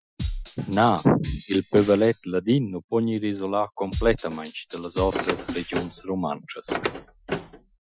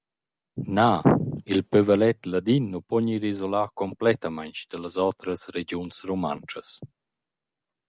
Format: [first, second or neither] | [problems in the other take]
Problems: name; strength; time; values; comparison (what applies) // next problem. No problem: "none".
second | noise reduction (classical method Wiener filter)